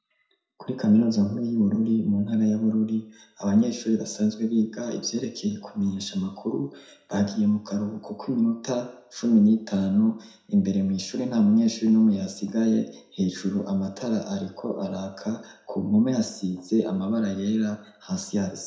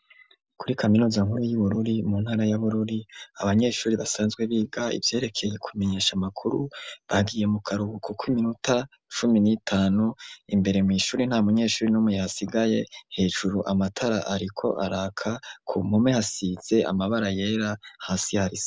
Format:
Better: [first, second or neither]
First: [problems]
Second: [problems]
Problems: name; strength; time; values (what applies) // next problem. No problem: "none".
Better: second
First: room echo; dies away in 0.5 s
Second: none